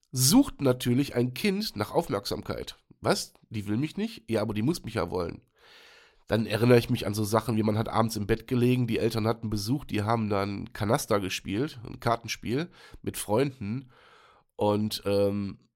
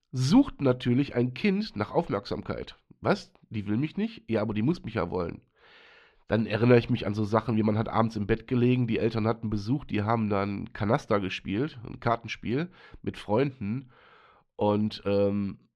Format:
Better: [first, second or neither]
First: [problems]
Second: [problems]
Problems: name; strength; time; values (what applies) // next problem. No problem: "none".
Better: first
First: none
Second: muffled; slightly; fading above 2.5 kHz